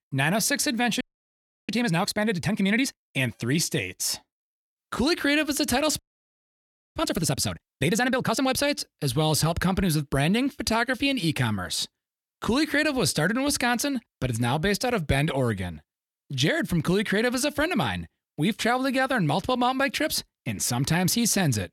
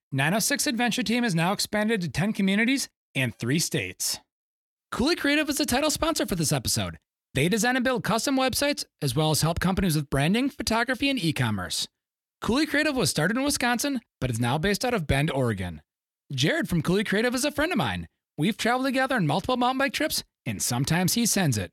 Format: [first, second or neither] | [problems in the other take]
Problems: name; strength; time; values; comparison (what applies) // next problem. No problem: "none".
second | audio freezing; at 1 s for 0.5 s and at 6 s for 1 s